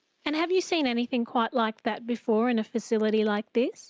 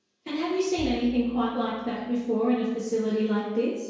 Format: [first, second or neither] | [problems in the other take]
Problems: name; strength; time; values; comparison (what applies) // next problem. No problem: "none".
first | background sound (Bowed string instrument); 20 dB below the speech // room echo; dies away in 1 s